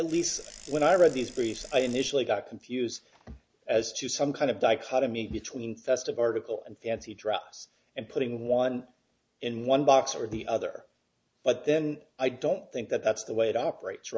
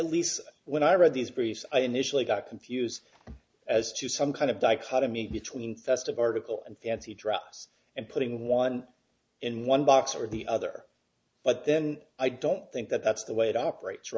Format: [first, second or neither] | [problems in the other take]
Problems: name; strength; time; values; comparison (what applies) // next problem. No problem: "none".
second | background sound (Bicycle); 17 dB below the speech